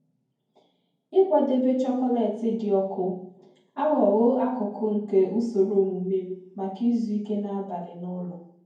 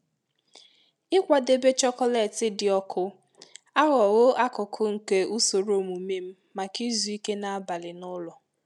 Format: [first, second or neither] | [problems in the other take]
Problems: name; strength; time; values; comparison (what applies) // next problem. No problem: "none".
second | room echo; dies away in 0.9 s